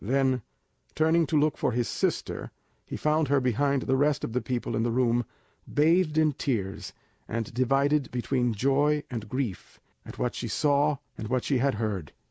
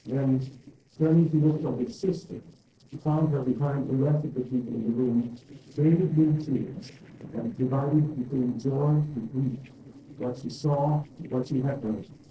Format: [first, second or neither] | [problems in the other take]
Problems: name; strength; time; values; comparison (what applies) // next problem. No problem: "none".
first | noise reduction (neural separator model SepFormer DNS4)